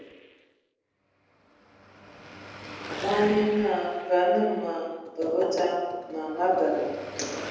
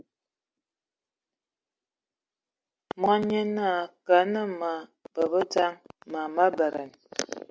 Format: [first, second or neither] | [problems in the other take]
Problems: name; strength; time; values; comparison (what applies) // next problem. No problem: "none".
second | background sound (Car passing by / Traffic noise, roadway noise / Engine); 15 dB below the speech // room echo; dies away in 1.1 s